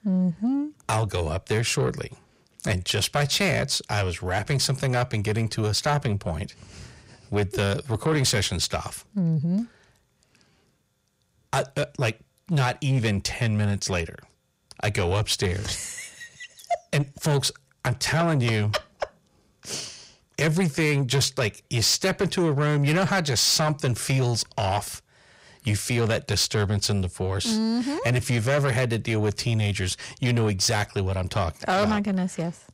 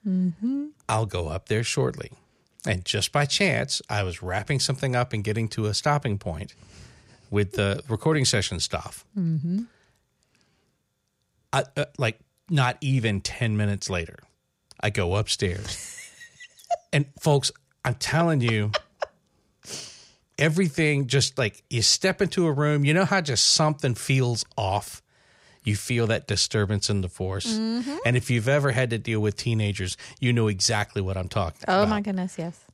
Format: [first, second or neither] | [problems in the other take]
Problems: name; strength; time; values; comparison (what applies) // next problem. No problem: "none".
second | distortion; slight; 10 dB below the speech